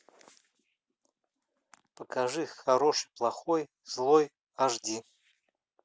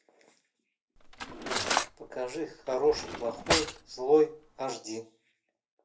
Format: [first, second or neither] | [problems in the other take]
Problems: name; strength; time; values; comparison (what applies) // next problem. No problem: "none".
first | background sound (Cutlery, silverware); 2 dB below the speech // room echo; dies away in 0.3 s